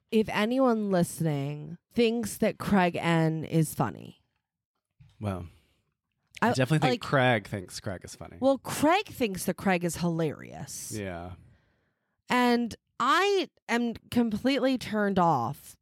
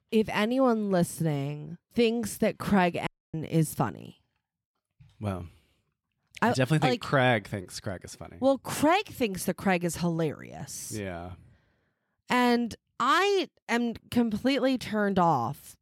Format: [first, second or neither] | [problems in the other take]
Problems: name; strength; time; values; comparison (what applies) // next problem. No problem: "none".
first | audio cutting out; at 3 s